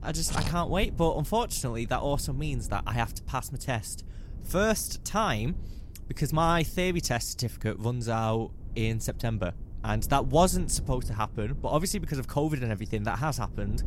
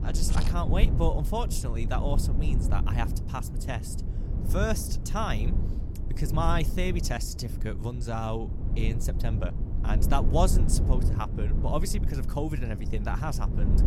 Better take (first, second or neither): first